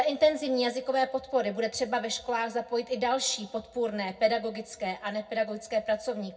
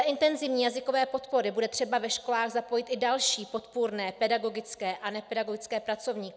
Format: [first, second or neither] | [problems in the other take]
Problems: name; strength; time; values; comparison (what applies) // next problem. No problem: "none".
second | room echo; dies away in 0.4 s